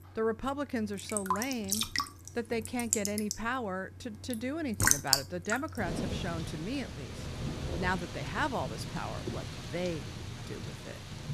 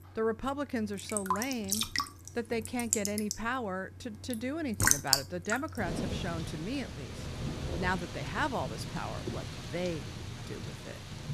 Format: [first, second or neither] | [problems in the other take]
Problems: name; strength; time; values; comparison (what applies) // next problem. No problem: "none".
neither | rain or running water; very loud; throughout; 1 dB above the speech; the same in both